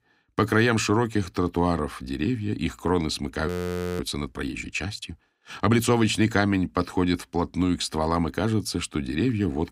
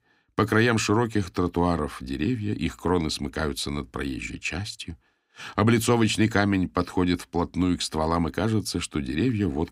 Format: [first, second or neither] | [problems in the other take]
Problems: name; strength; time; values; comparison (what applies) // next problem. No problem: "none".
second | audio freezing; at 3.5 s for 0.5 s